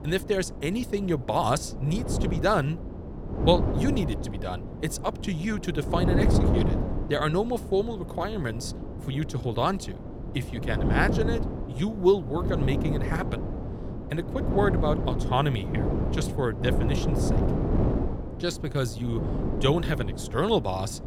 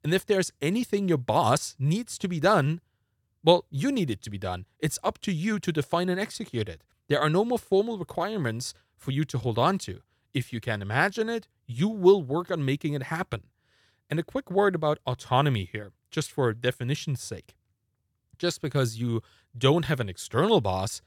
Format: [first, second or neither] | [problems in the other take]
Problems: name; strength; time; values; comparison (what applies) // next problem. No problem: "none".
second | wind noise on the microphone; heavy; 7 dB below the speech